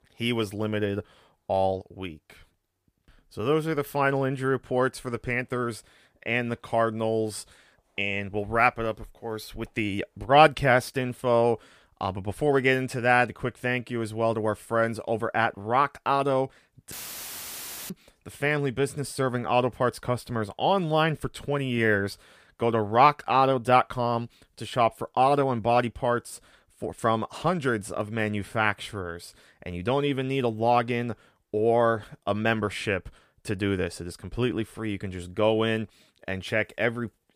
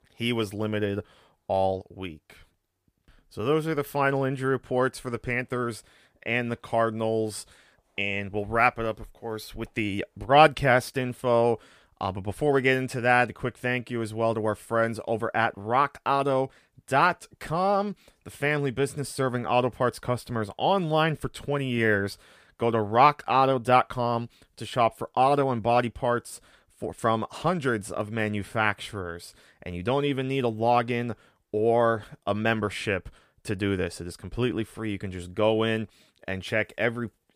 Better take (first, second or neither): second